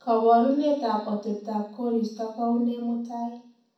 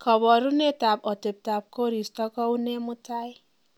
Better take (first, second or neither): second